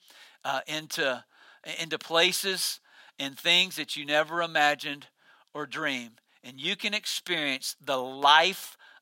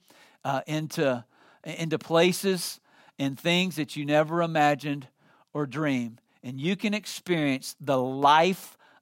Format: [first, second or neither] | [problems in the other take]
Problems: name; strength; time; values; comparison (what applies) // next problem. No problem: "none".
second | thin; somewhat; fading below 1 kHz